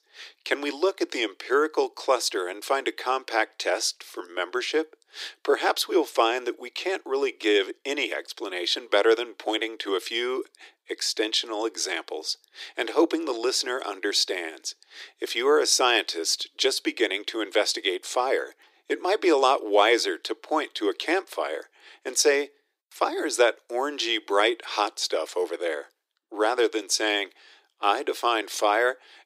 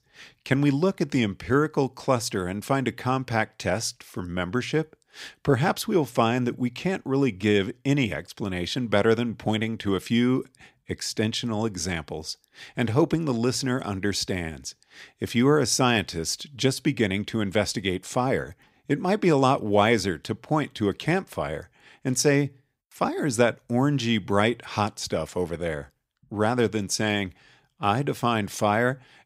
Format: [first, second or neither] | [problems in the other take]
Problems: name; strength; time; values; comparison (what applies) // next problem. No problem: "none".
second | thin; very; fading below 300 Hz